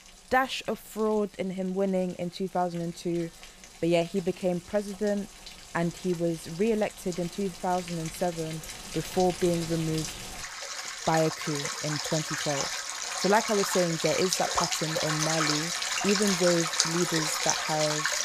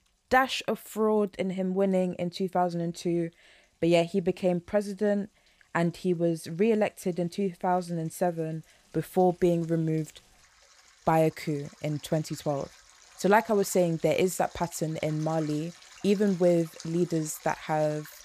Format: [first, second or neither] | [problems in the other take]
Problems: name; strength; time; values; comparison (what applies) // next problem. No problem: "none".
second | rain or running water; loud; throughout; as loud as the speech; faint in the second